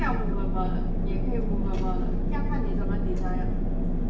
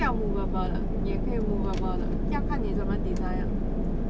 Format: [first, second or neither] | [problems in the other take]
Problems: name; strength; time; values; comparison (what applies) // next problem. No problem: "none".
second | room echo; dies away in 0.8 s